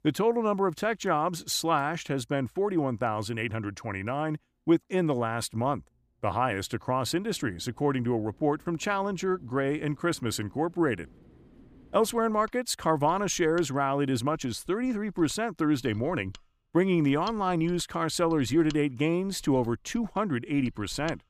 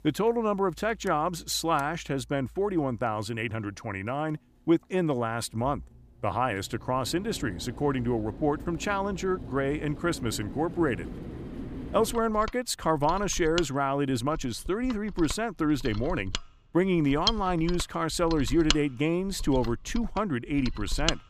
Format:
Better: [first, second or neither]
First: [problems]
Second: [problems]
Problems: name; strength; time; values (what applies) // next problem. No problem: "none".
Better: first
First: machinery noise; faint; throughout; 25 dB below the speech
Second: machinery noise; loud; throughout; 9 dB below the speech